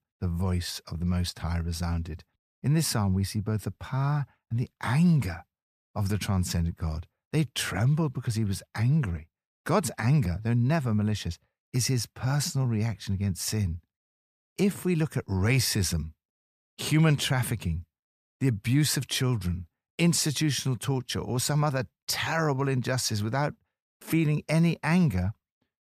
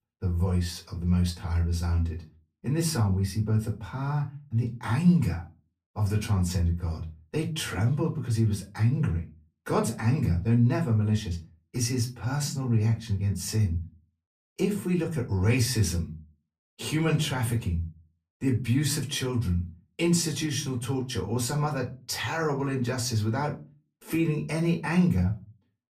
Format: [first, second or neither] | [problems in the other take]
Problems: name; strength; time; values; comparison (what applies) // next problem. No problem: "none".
first | off-mic speech; far // room echo; very slight; dies away in 0.2 s